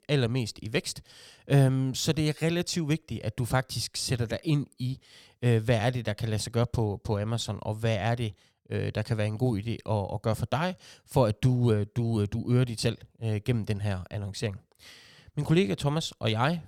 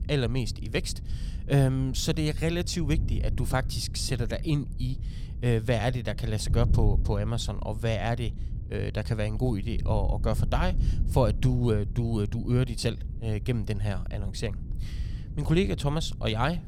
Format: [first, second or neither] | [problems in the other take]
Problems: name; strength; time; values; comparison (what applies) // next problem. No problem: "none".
first | wind noise on the microphone; occasional gusts; 15 dB below the speech